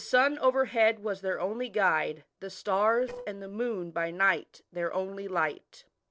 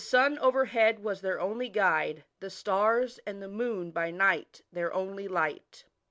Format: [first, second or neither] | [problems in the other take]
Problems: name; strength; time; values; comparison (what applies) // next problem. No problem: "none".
second | noise reduction (neural separator model SepFormer DNS4)